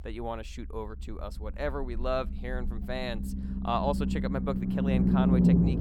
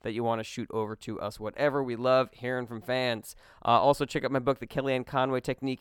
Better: second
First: low rumble; loud; throughout; 1 dB below the speech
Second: none

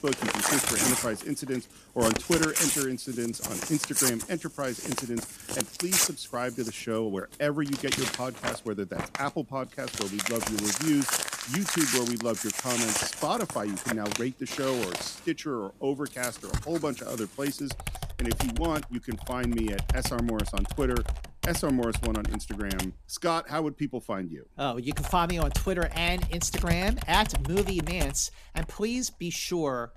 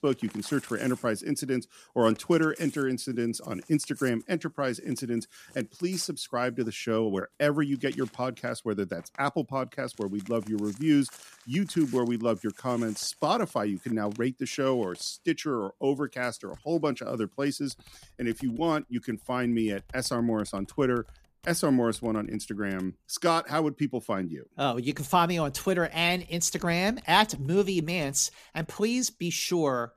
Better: second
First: household noises; loud; throughout; as loud as the speech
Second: household noises; faint; throughout; 25 dB below the speech

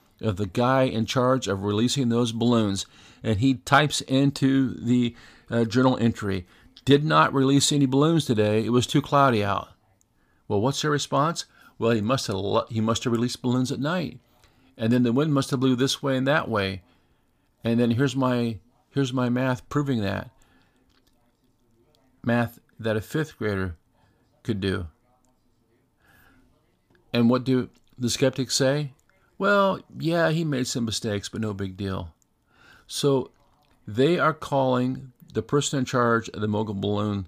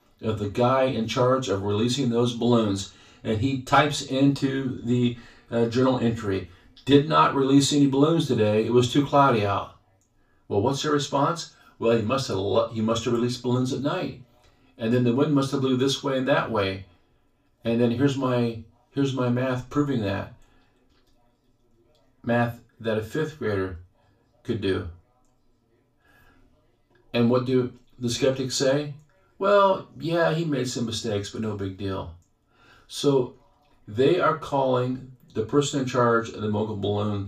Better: first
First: none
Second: room echo; very slight; dies away in 0.3 s // off-mic speech; far

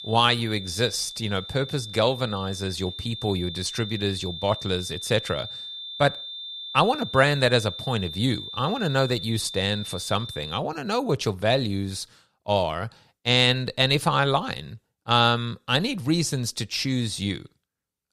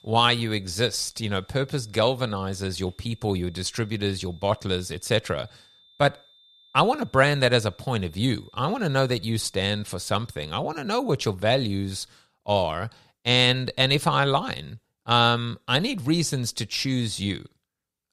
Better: second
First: high-pitched whine; loud; until 11 s; 3.5 kHz, 10 dB below the speech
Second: high-pitched whine; faint; until 11 s; 3.5 kHz, 30 dB below the speech

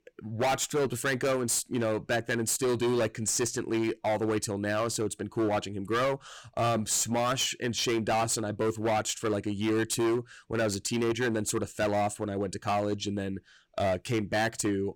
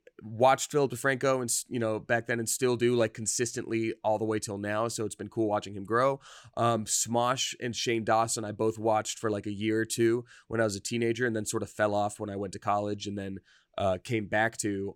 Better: second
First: distortion; heavy; 16% of the sound clipped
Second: none

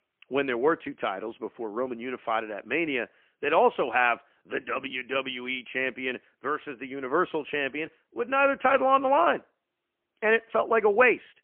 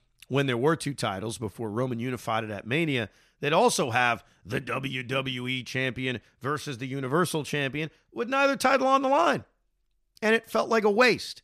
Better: second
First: phone-call audio; poor line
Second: none

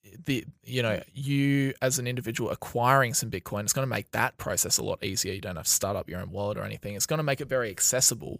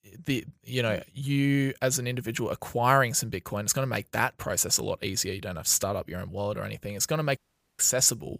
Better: first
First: none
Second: audio cutting out; at 7.5 s

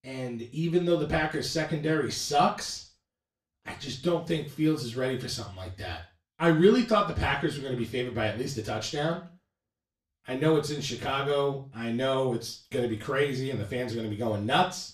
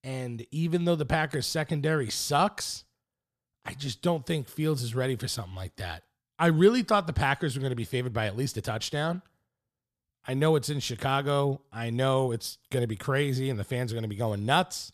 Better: second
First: room echo; slight; dies away in 0.3 s // off-mic speech; far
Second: none

